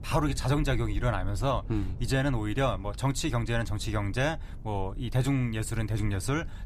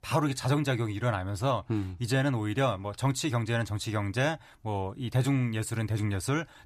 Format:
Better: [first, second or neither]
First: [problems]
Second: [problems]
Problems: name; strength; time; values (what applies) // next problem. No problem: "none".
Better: second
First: low rumble; faint; throughout; 25 dB below the speech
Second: none